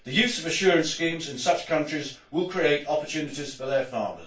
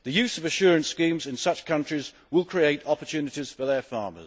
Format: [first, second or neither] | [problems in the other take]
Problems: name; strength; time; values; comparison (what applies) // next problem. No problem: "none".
second | room echo; dies away in 0.2 s